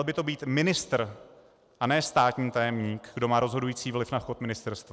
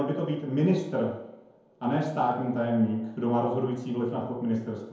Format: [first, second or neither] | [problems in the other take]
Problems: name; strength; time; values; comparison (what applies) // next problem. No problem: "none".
first | room echo; dies away in 0.9 s